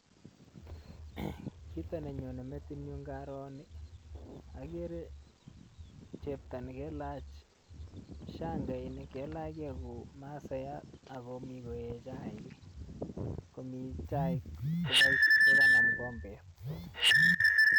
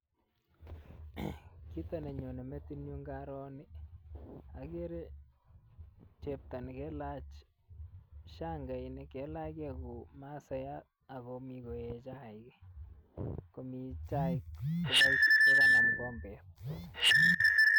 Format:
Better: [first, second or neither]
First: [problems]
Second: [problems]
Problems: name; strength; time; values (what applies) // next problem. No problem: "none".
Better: second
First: background sound (Bird vocalization, bird call, bird song); 18 dB below the speech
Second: none